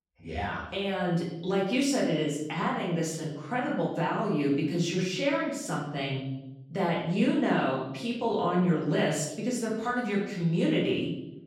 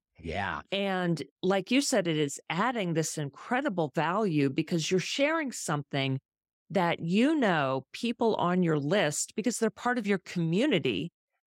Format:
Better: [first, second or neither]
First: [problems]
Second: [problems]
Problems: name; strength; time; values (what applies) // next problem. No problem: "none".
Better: second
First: off-mic speech; far // room echo; noticeable; dies away in 0.8 s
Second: none